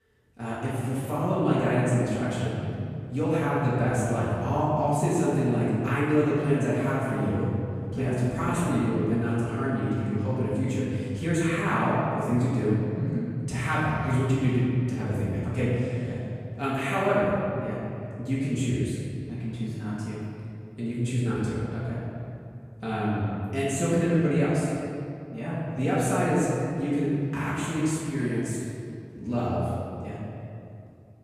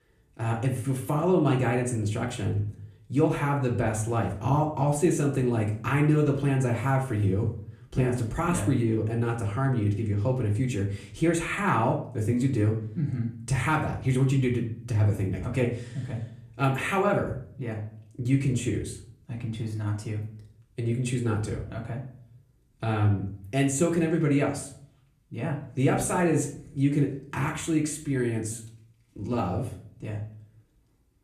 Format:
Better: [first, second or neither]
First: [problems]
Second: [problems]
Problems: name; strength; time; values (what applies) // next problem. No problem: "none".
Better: second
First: room echo; strong; dies away in 2.2 s // off-mic speech; far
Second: room echo; slight; dies away in 0.4 s // off-mic speech; far